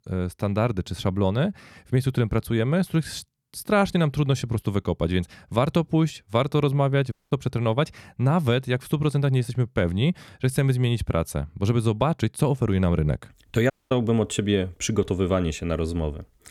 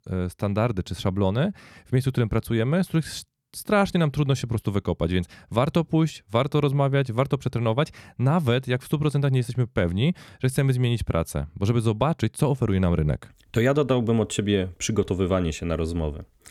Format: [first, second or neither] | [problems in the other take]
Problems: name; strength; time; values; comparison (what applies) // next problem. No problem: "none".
second | audio cutting out; at 7 s and at 14 s